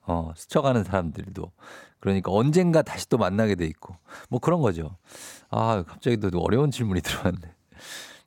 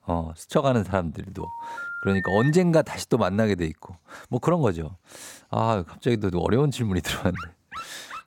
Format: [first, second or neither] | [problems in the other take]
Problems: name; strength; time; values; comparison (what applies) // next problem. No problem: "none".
first | phone ringing; noticeable; from 1.5 to 2.5 s; peak 5 dB below the speech // dog barking; faint; at 7.5 s; peak 15 dB below the speech